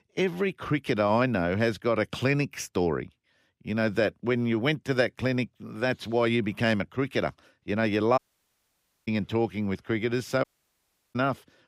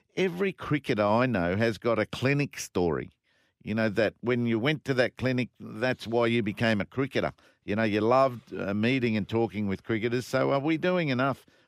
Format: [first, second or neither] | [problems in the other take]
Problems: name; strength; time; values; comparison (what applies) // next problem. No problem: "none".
second | audio cutting out; at 8 s for 1 s and at 10 s for 0.5 s